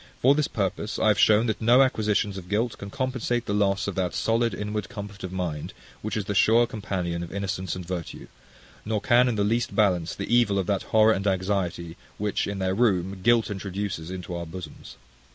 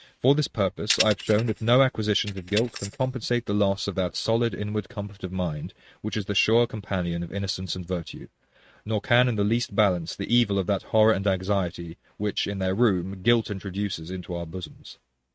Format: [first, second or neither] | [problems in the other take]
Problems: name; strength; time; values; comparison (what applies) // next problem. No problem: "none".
first | noise reduction (neural mask model RNNoise)